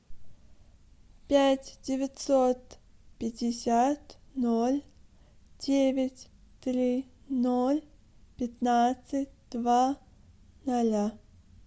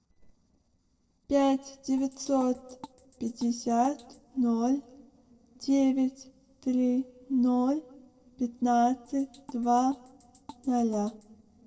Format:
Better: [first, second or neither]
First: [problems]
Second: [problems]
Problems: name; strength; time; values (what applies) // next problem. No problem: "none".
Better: first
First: none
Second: noise reduction (neural separator model SepFormer DNS4)